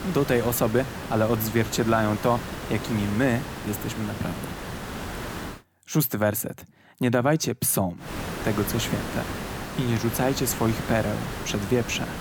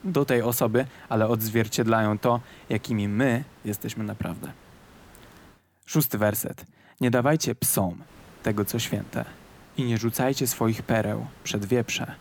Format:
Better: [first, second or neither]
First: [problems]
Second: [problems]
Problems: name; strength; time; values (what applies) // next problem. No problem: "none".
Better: second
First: hiss; loud; until 5.5 s and from 8 s on; 8 dB below the speech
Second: hiss; faint; until 5.5 s and from 8 s on; 25 dB below the speech